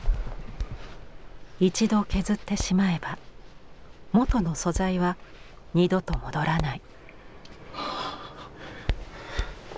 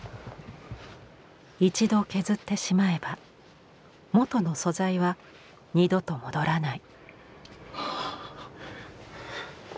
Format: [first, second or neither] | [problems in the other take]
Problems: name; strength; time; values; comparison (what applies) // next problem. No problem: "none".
second | background sound (Hands); 6 dB below the speech